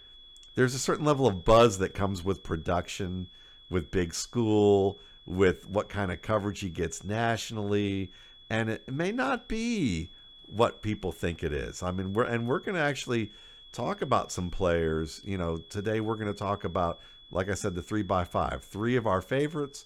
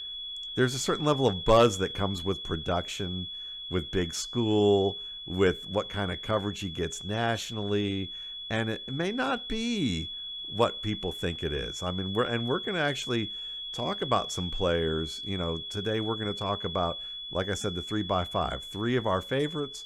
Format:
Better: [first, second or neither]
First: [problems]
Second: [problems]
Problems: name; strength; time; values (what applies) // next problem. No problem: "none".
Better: first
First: high-pitched whine; faint; throughout; 3.5 kHz, 20 dB below the speech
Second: high-pitched whine; loud; throughout; 3.5 kHz, 7 dB below the speech